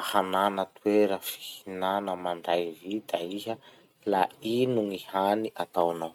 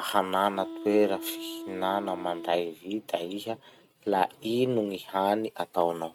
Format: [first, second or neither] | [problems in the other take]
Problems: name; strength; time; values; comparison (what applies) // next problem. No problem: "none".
first | background sound (Wind instrument, woodwind instrument); 12 dB below the speech